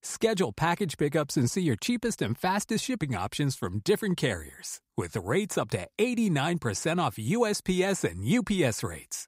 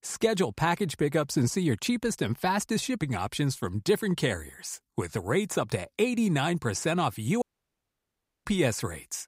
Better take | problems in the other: first | audio cutting out; at 7.5 s for 1 s

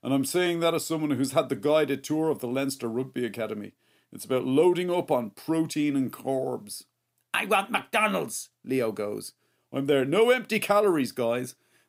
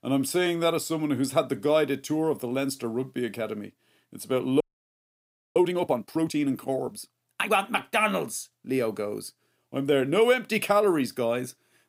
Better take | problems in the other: first | audio freezing; at 4.5 s for 1 s

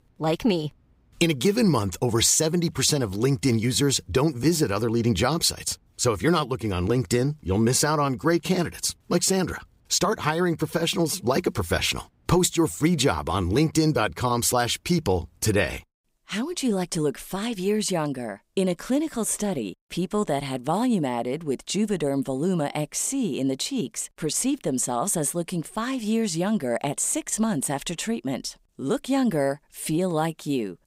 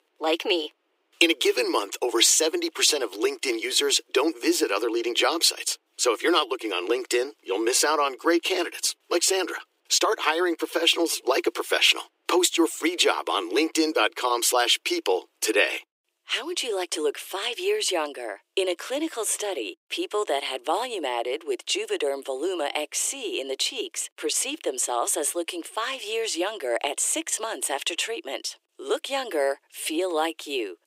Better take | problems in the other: first | thin; very; fading below 300 Hz

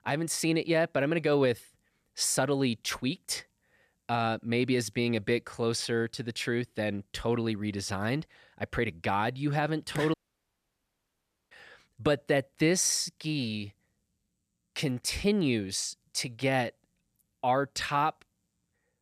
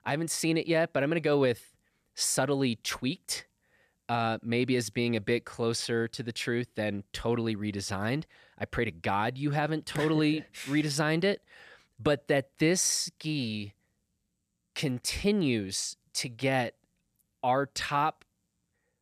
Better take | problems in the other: second | audio cutting out; at 10 s for 1.5 s

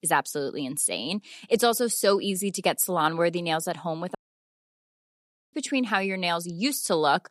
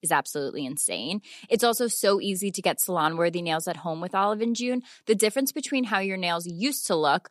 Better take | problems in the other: second | audio cutting out; at 4 s for 1.5 s

